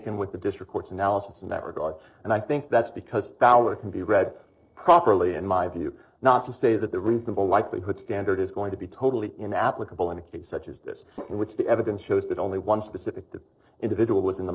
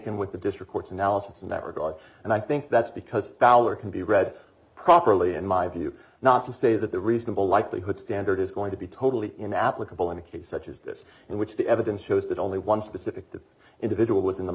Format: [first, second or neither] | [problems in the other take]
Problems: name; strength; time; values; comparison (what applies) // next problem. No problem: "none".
second | noise reduction (neural separator model SepFormer DNS4)